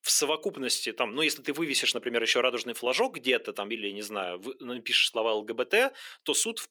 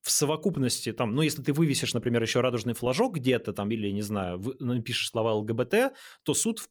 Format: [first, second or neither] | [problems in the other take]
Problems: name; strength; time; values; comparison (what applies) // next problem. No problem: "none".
second | thin; somewhat; fading below 350 Hz